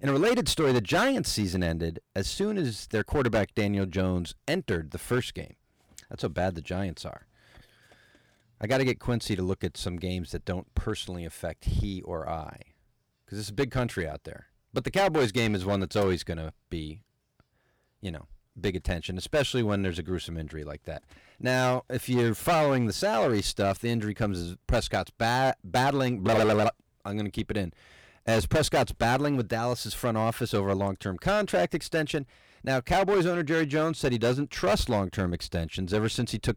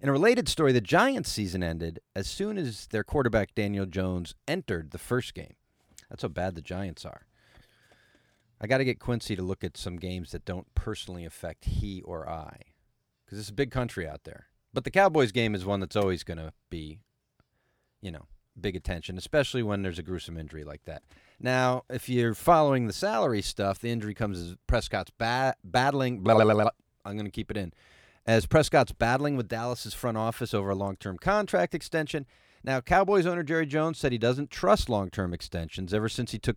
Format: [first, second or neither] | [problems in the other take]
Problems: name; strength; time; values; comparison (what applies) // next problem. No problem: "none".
second | distortion; heavy; 7% of the sound clipped